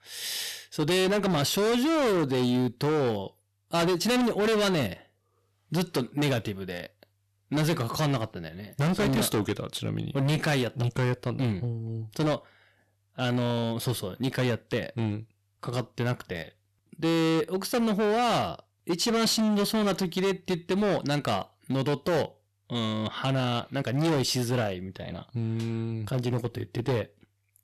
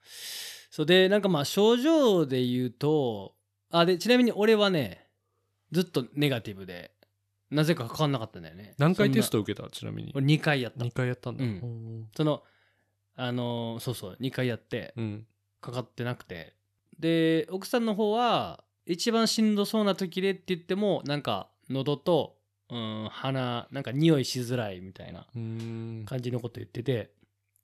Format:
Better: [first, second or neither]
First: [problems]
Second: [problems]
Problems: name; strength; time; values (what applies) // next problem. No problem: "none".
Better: second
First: distortion; heavy; 18% of the sound clipped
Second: none